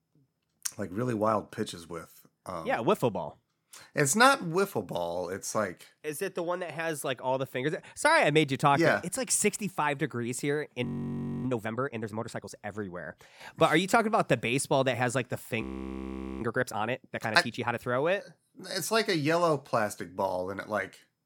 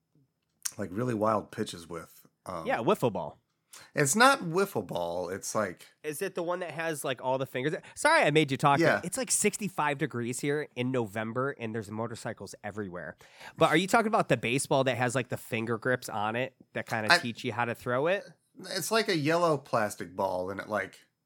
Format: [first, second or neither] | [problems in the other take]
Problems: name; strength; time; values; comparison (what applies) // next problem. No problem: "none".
second | audio freezing; at 11 s for 0.5 s and at 16 s for 1 s